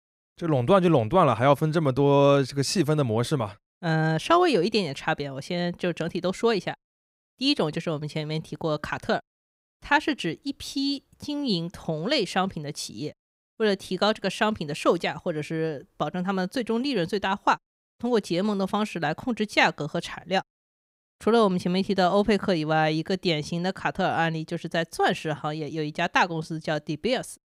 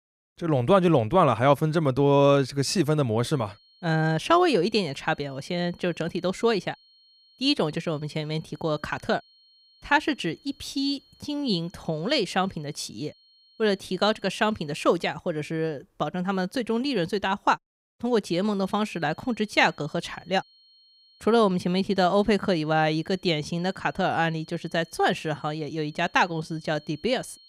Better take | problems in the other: first | high-pitched whine; faint; from 3 to 15 s and from 19 s on; 4.5 kHz, 30 dB below the speech

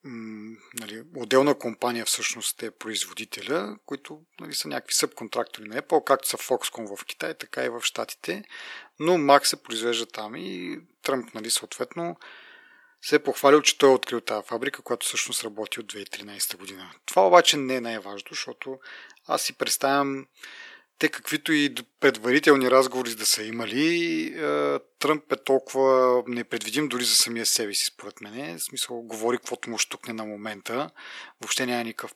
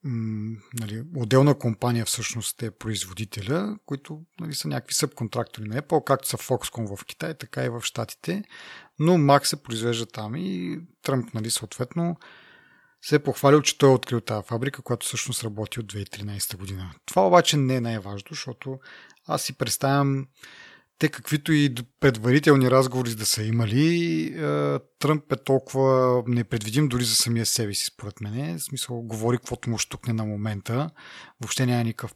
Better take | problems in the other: second | thin; somewhat; fading below 300 Hz

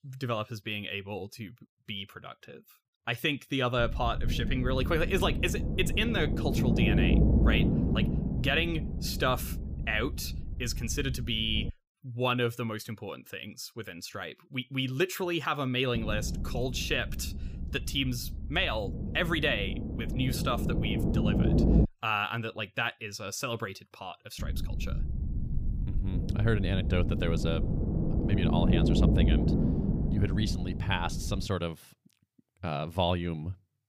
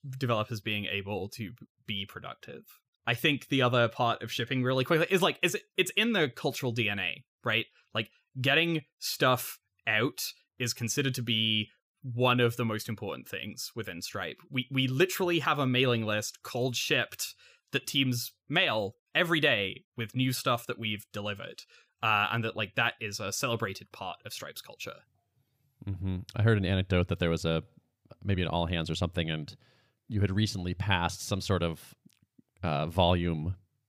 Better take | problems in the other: second | low rumble; loud; from 4 to 12 s, from 16 to 22 s and from 24 to 31 s; 6 dB below the speech

